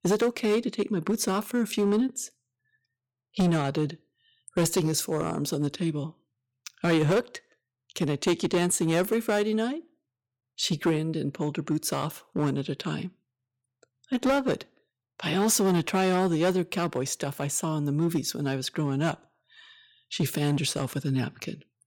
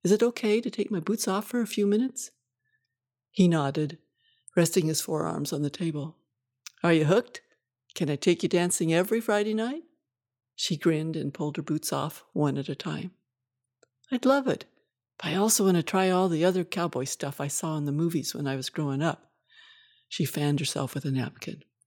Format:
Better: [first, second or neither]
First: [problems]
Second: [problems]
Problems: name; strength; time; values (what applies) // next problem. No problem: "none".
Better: second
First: distortion; slight; 6% of the sound clipped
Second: none